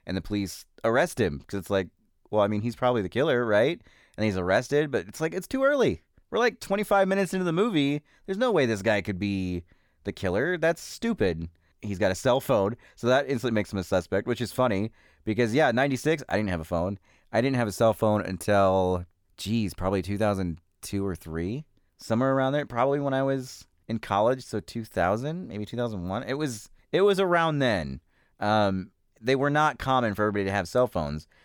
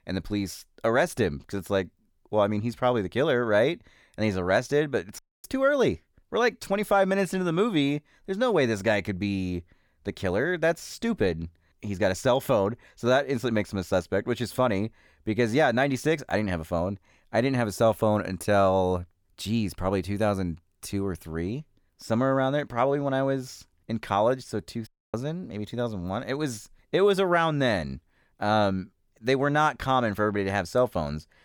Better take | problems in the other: first | audio cutting out; at 5 s and at 25 s

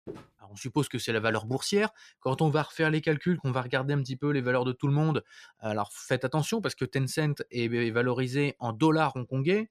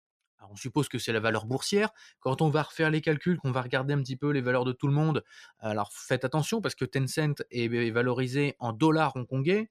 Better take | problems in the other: second | footsteps; faint; at the start; peak 15 dB below the speech

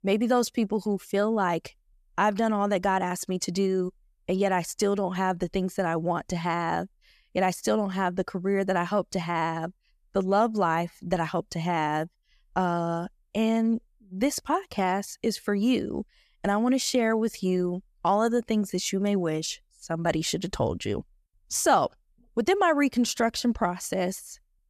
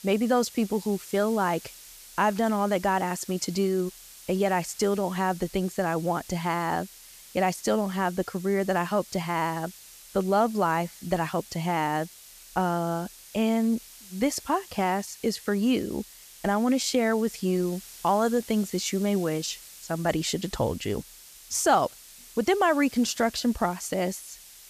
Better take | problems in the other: first | hiss; noticeable; throughout; 20 dB below the speech

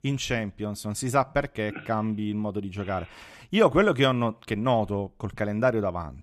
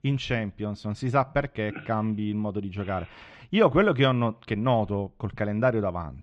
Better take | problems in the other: first | muffled; slightly; fading above 4 kHz

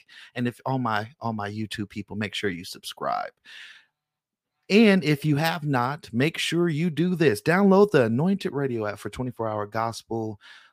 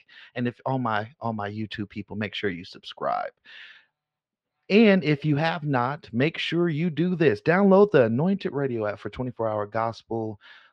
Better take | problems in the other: first | muffled; slightly; fading above 4 kHz

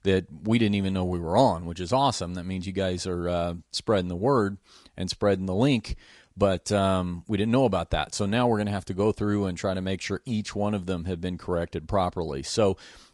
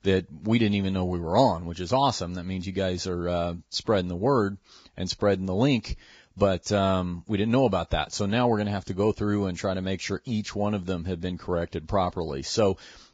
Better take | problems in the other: first | garbled, watery; badly; nothing above 7.5 kHz; slightly in the first

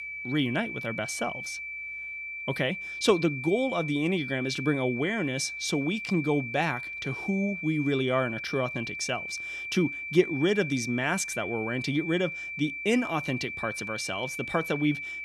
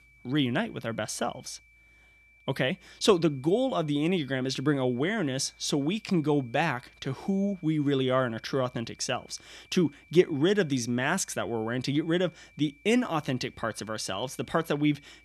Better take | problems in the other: second | high-pitched whine; loud; throughout; 2.5 kHz, 6 dB below the speech; faint in the second

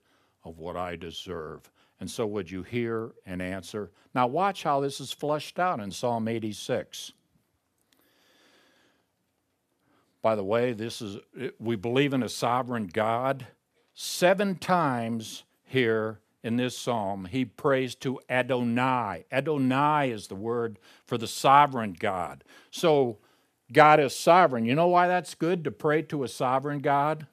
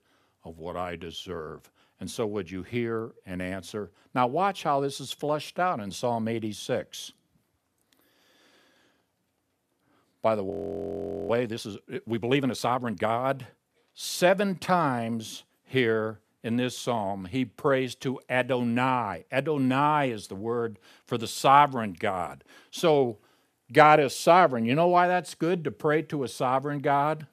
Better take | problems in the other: first | audio freezing; at 11 s for 1 s

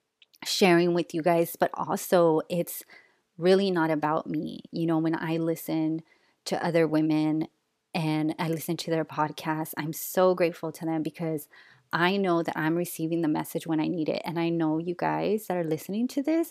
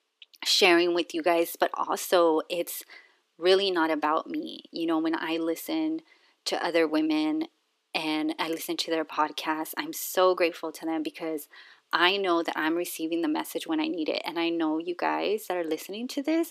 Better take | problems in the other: first | thin; somewhat; fading below 300 Hz

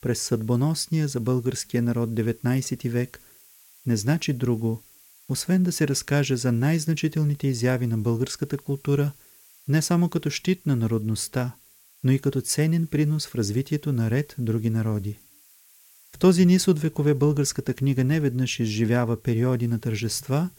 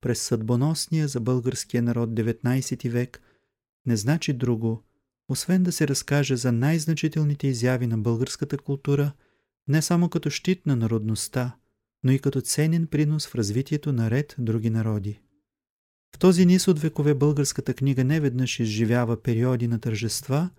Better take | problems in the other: second | hiss; faint; throughout; 25 dB below the speech

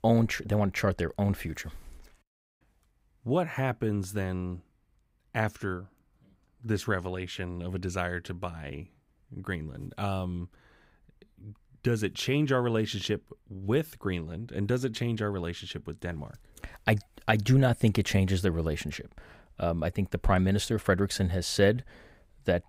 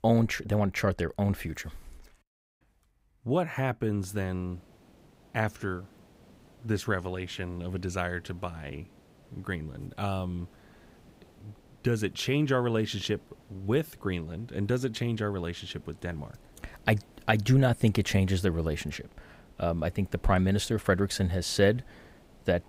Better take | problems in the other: first | hiss; faint; from 4 s on; 30 dB below the speech

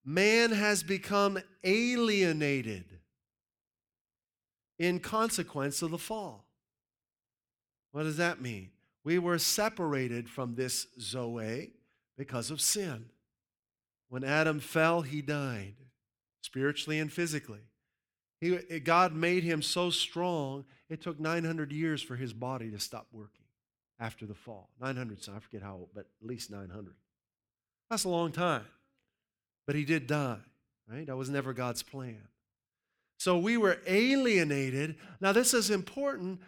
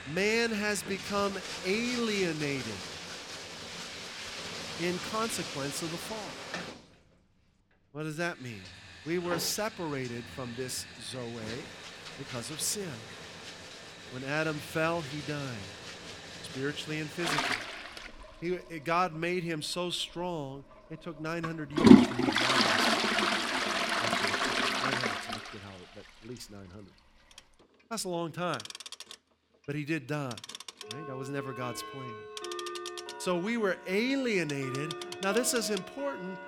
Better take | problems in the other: first | household noises; very loud; throughout; 2 dB above the speech

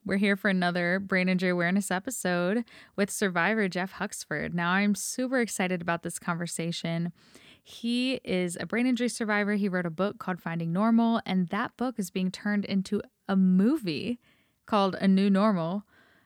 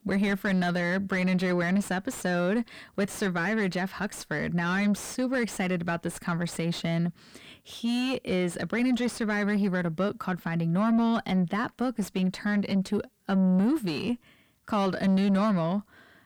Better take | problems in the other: first | distortion; slight; 10 dB below the speech

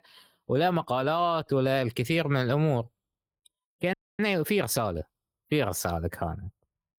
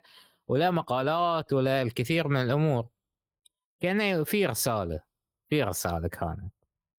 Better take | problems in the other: second | audio freezing; at 4 s

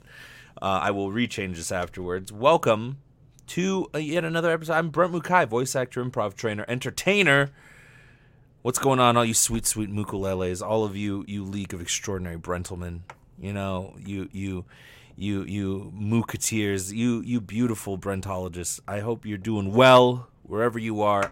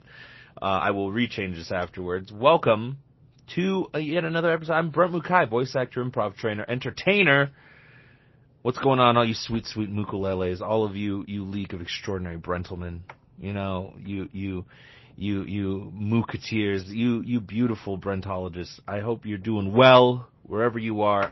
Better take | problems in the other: first | garbled, watery; slightly; nothing above 5.5 kHz

